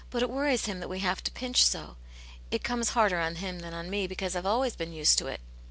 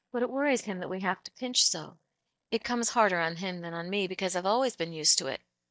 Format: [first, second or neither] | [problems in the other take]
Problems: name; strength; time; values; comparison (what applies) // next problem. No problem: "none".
first | noise reduction (neural mask model DeepFilterNet 3)